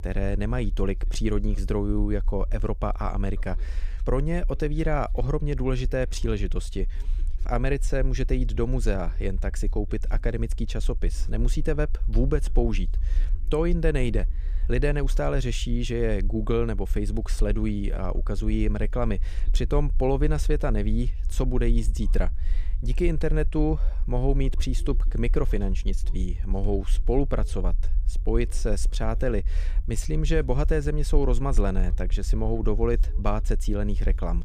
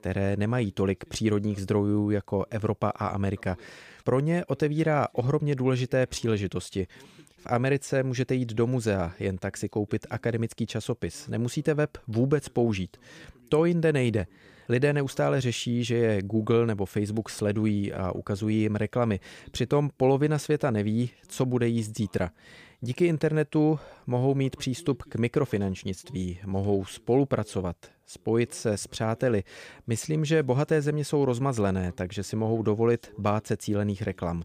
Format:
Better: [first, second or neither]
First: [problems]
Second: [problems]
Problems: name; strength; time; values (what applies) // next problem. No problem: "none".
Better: second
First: low rumble; faint; throughout; 25 dB below the speech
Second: none